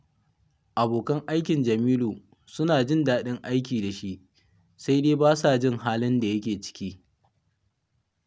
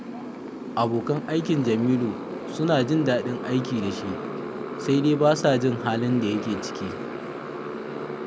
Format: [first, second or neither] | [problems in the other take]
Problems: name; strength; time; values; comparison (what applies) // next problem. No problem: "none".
first | background sound (Motorcycle); 7 dB below the speech